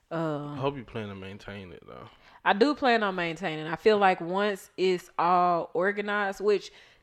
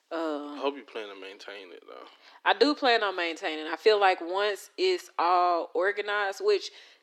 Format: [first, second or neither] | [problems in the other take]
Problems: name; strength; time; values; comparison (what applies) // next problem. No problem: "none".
first | thin; very slightly; fading below 300 Hz